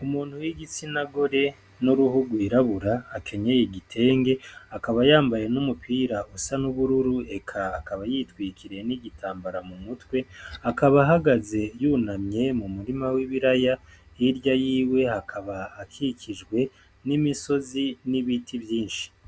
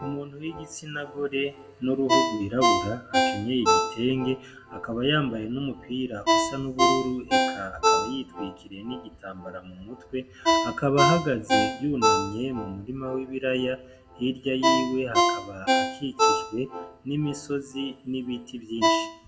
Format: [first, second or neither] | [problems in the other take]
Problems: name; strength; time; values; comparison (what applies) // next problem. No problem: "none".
first | background sound (Ringtone); 2 dB above the speech // room echo; dies away in 0.7 s